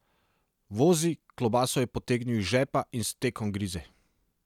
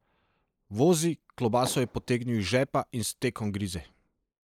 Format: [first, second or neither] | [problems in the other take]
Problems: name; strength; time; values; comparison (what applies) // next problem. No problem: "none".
first | noise reduction (neural mask model Resemble Enhance denoiser)